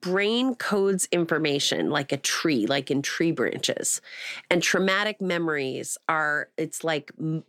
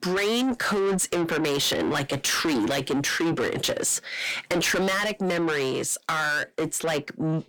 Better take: first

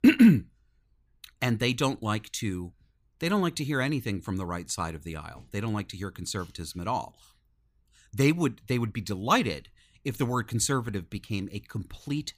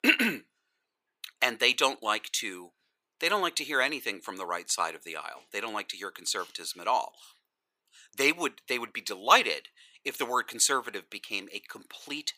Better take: first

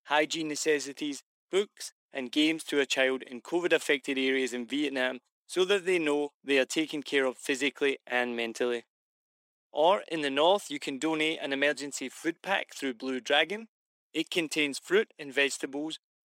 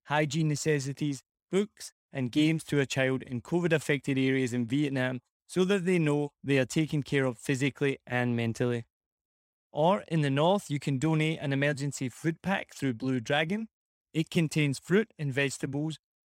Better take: second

